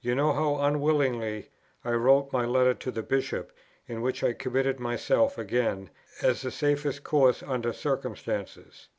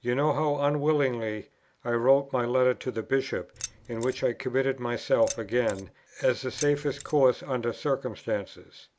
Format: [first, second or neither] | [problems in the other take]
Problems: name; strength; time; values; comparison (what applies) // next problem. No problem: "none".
first | background sound (Keys jangling); 15 dB below the speech